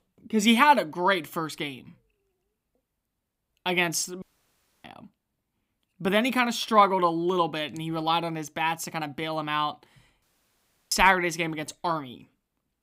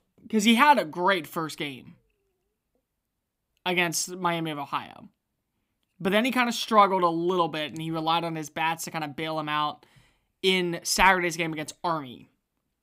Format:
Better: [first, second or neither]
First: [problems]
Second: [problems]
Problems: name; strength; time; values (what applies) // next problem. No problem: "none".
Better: second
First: audio cutting out; at 4 s for 0.5 s and at 10 s for 0.5 s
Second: none